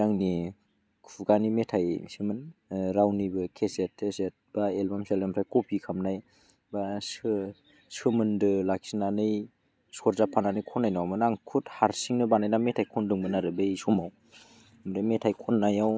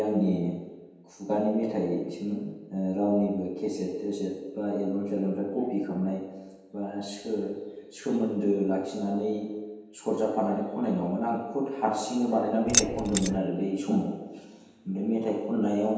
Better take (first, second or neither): first